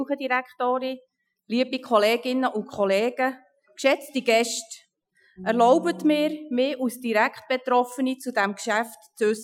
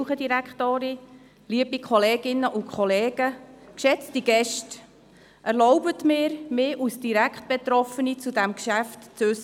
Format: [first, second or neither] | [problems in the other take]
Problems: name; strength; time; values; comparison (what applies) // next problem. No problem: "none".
second | noise reduction (classical method Wiener filter)